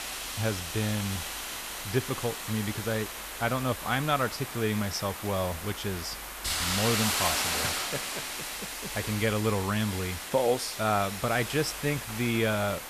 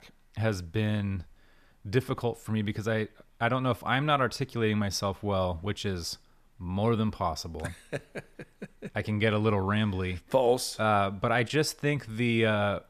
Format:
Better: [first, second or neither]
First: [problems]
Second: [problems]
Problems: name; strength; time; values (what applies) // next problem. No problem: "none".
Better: second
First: hiss; loud; throughout; 3 dB below the speech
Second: none